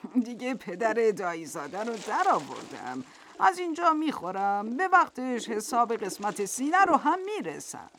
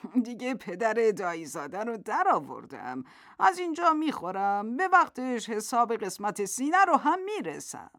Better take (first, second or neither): second